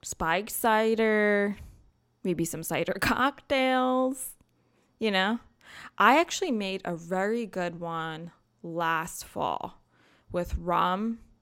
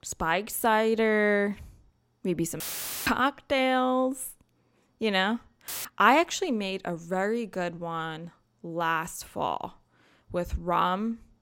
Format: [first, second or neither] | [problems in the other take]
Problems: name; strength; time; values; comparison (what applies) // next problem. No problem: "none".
first | audio cutting out; filled with static; at 2.5 s and at 5.5 s